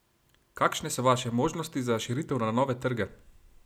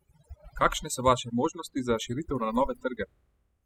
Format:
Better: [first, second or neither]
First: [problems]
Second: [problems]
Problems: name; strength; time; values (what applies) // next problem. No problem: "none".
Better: first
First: none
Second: noise reduction (classical method spectral subtraction)